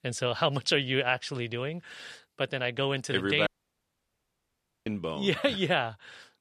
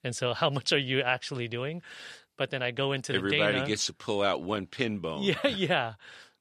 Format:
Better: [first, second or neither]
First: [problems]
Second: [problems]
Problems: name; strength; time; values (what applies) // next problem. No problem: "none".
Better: second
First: audio cutting out; at 3.5 s for 1.5 s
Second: none